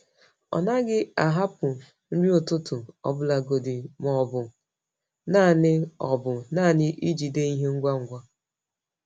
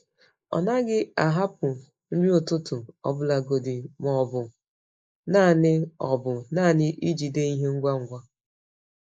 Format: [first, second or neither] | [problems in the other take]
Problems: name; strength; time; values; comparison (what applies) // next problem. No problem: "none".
first | noise reduction (neural mask model Resemble Enhance denoiser)